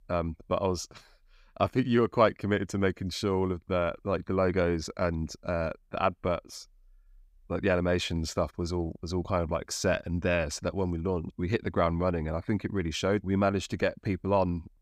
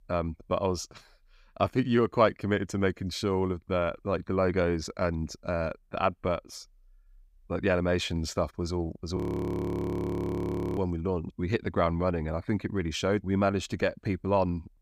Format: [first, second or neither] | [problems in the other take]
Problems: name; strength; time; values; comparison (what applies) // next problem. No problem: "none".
first | audio freezing; at 9 s for 1.5 s